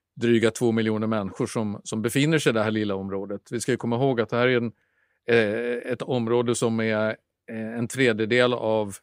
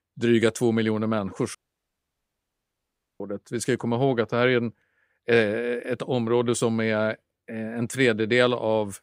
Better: first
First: none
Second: audio cutting out; at 1.5 s for 1.5 s

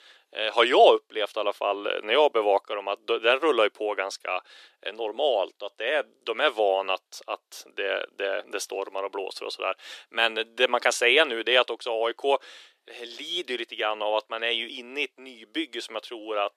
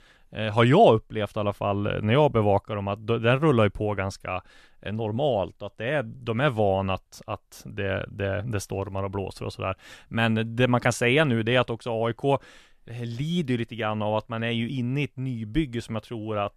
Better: second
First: thin; very; fading below 350 Hz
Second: none

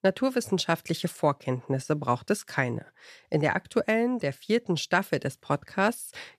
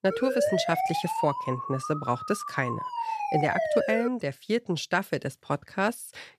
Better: first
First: none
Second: siren; loud; until 4 s; peak 3 dB above the speech

